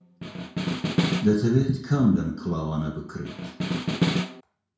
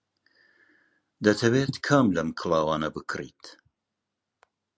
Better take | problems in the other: second | background sound (Snare drum); 1 dB below the speech // room echo; dies away in 0.6 s

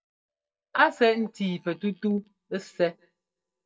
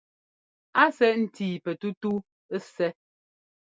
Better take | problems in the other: second | noise reduction (neural mask model DeepFilterNet 3)

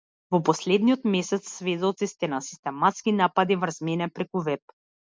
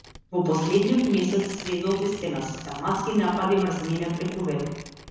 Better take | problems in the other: first | background sound (Tearing); 17 dB below the speech // room echo; dies away in 1.1 s

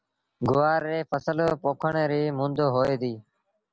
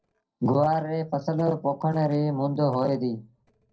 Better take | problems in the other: first | noise reduction (neural separator model SepFormer DNS4)

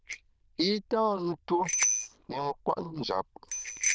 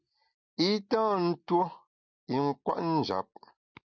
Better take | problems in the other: second | noise reduction (neural diffusion model UNIVERSE++)

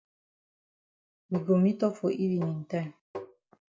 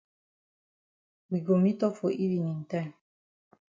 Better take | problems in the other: second | background sound (Tap); 11 dB below the speech

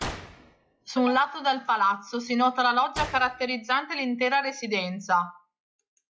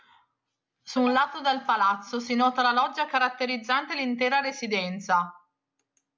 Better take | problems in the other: second | noise reduction (classical method log-MMSE)

